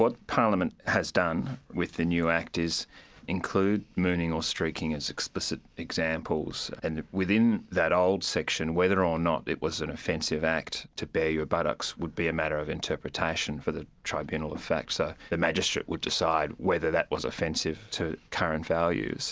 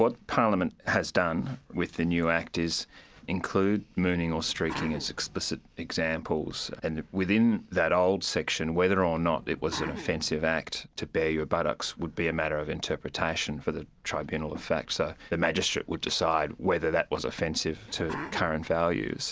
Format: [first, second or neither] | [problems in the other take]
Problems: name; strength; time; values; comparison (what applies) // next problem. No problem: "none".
first | background sound (Sneeze); 12 dB below the speech